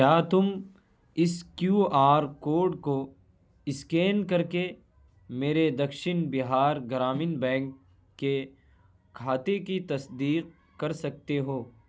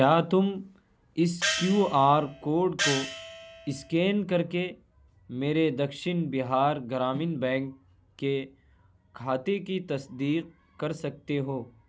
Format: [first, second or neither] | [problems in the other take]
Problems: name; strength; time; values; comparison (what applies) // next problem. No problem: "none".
first | background sound (Gong); 6 dB below the speech